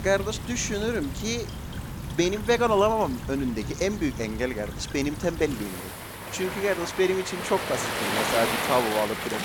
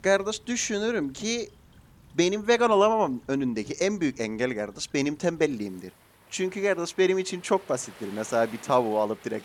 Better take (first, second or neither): second